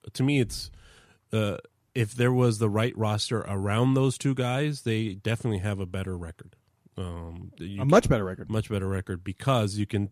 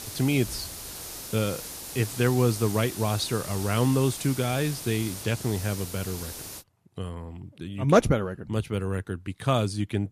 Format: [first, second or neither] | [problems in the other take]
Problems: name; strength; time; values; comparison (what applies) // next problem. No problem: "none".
first | hiss; loud; until 6.5 s; 9 dB below the speech